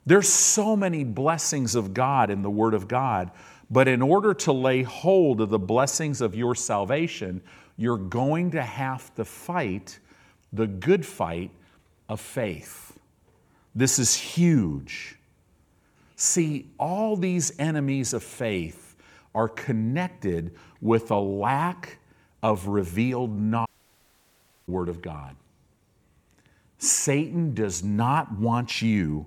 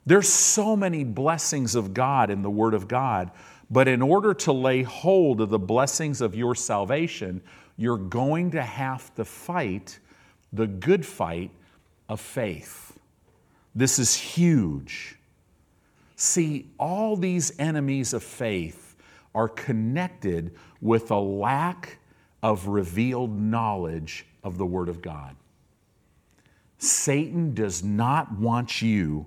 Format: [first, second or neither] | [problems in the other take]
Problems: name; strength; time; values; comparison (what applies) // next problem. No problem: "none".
second | audio cutting out; at 24 s for 1 s